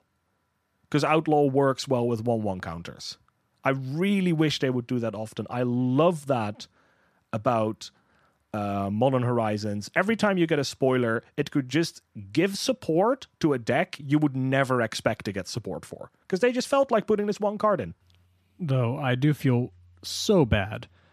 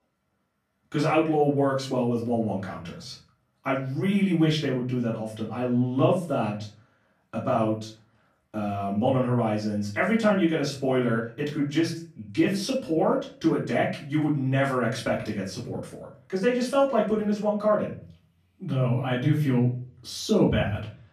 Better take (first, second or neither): first